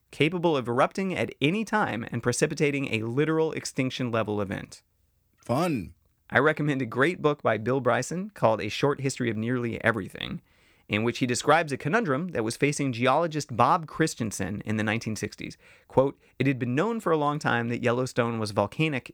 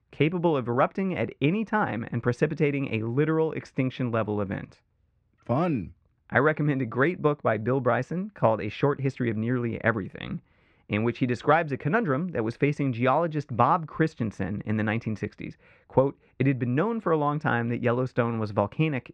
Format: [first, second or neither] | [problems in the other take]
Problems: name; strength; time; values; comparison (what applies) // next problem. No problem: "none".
first | muffled; very; fading above 2.5 kHz